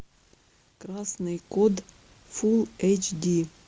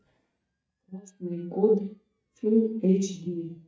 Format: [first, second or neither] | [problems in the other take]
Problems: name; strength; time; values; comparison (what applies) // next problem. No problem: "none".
first | noise reduction (neural mask model DeepFilterNet 3)